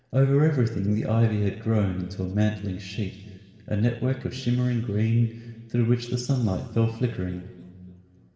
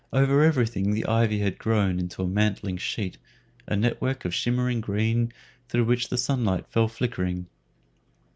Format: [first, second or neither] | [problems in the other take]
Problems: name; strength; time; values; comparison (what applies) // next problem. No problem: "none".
second | room echo; dies away in 2.2 s